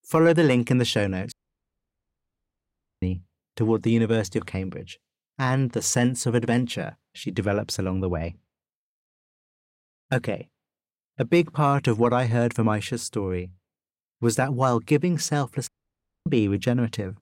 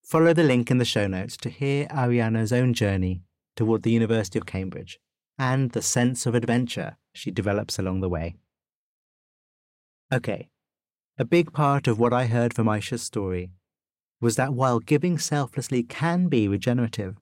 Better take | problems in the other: second | audio cutting out; at 1.5 s for 1.5 s and at 16 s for 0.5 s

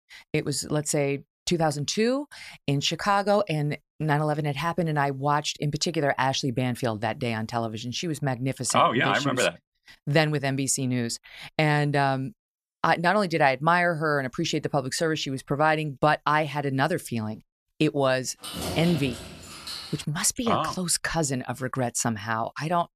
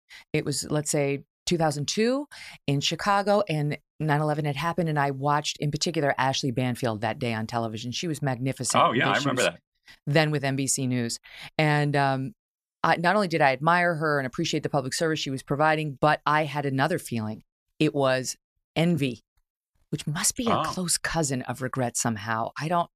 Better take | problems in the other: second | jangling keys; noticeable; from 18 to 20 s; peak 6 dB below the speech

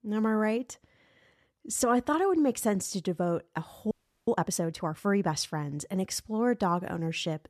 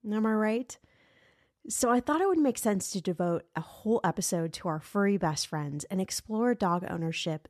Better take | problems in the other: second | audio freezing; at 4 s

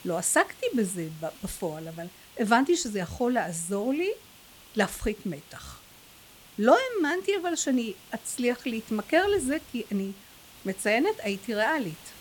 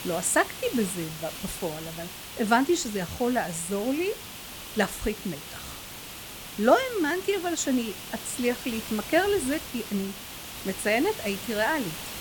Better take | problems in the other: first | hiss; loud; throughout; 10 dB below the speech; faint in the first

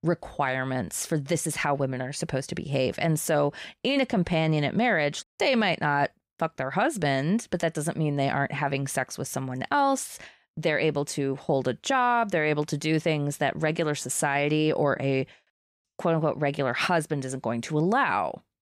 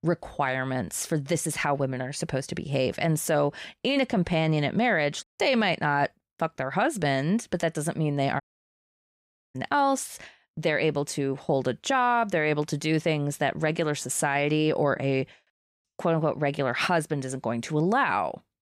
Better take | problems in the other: first | audio cutting out; at 8.5 s for 1 s

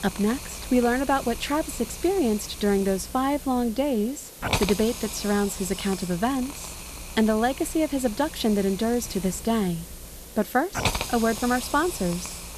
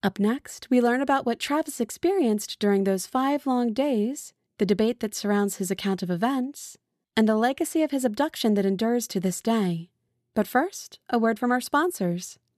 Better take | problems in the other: second | hiss; loud; throughout; 9 dB below the speech

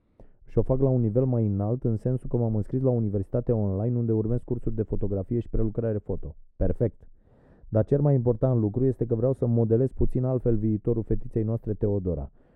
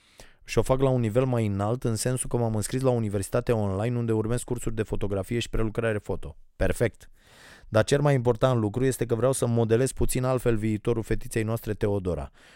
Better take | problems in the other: second | muffled; very; fading above 1.5 kHz

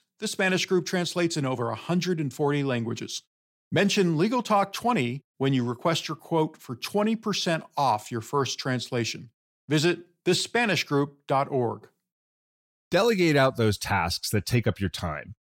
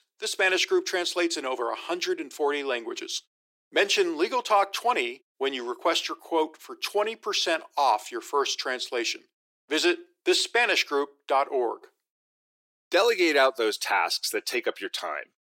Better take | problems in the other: first | thin; very; fading below 350 Hz

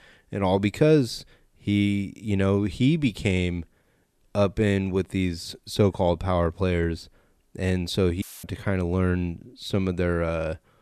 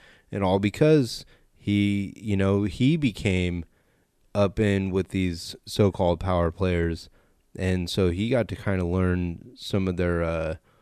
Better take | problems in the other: second | audio cutting out; filled with static; at 8 s

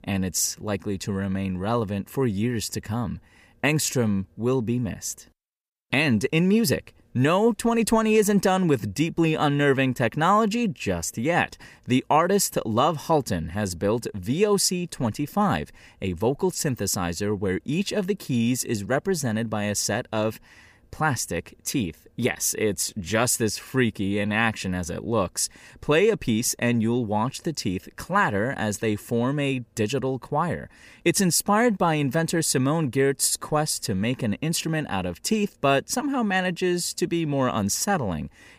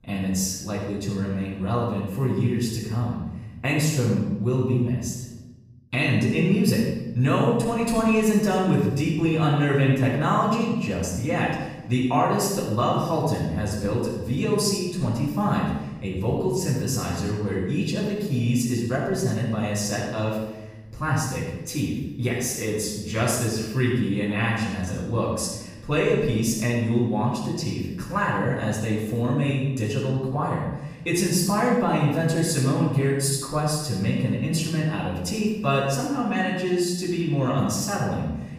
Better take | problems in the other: first | off-mic speech; far // room echo; noticeable; dies away in 1 s

